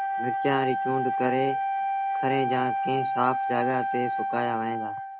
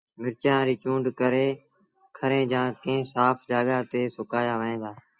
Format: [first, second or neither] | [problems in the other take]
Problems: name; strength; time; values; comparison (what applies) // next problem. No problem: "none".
second | background sound (Wind instrument, woodwind instrument); 1 dB above the speech